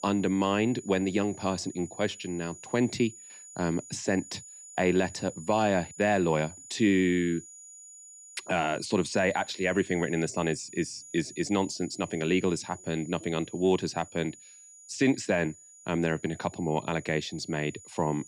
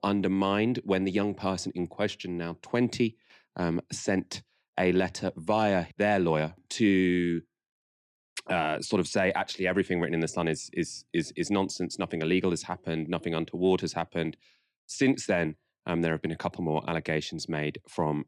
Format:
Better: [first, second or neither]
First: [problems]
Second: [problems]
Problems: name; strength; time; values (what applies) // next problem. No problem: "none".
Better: second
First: high-pitched whine; noticeable; throughout; 7 kHz, 15 dB below the speech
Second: none